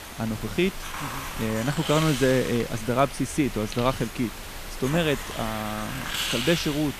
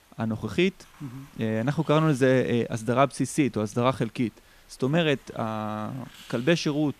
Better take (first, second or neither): second